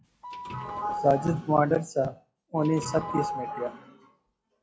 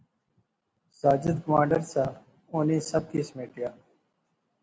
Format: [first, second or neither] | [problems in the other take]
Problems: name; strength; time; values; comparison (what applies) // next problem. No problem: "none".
second | noise reduction (classical method log-MMSE)